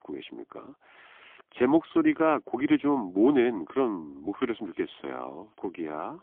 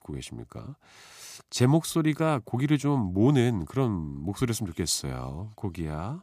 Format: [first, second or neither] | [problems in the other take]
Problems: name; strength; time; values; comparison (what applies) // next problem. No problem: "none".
second | phone-call audio; poor line; nothing above 3.5 kHz